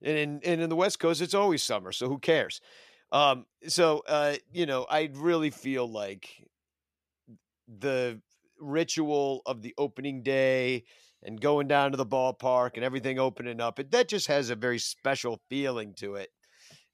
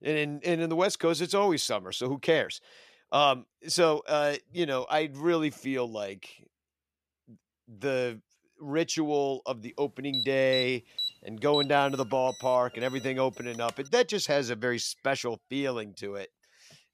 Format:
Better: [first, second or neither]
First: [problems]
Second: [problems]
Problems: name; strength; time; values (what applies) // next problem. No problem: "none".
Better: first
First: none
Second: alarm; noticeable; from 10 to 14 s; peak 3 dB below the speech